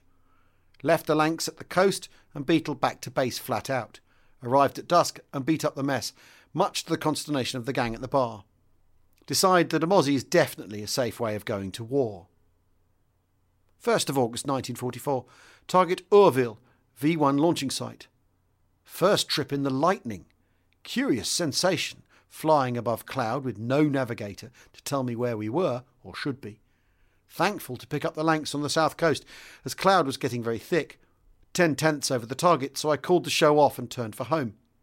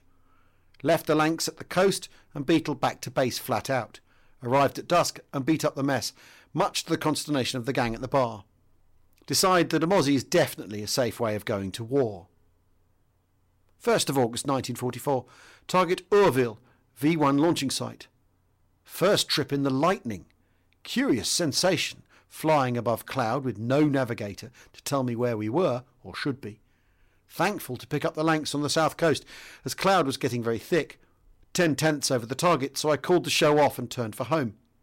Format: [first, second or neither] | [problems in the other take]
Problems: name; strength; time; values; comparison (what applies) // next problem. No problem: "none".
first | distortion; slight; 3% of the sound clipped